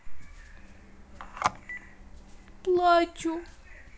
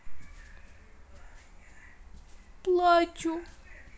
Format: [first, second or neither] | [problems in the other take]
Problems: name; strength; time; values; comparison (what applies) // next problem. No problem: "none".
second | background sound (Telephone); 8 dB below the speech